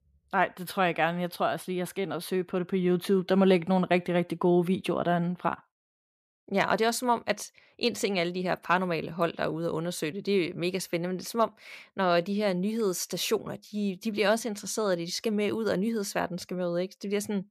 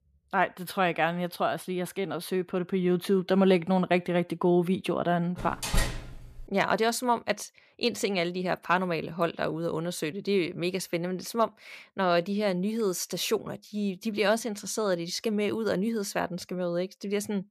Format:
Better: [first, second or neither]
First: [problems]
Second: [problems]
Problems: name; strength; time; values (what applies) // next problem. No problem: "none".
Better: first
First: none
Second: door banging; noticeable; from 5.5 to 6.5 s; peak 1 dB below the speech